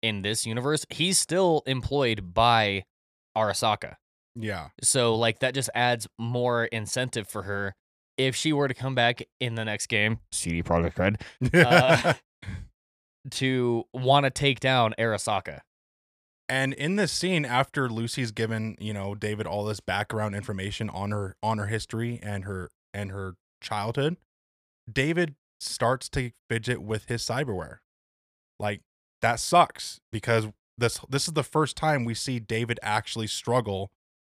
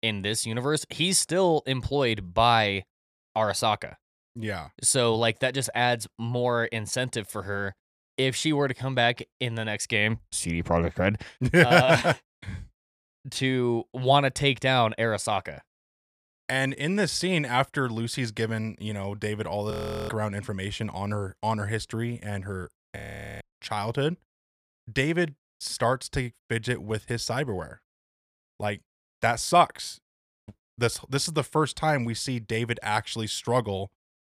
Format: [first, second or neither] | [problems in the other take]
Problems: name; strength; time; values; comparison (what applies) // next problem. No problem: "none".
first | audio freezing; at 20 s, at 23 s and at 30 s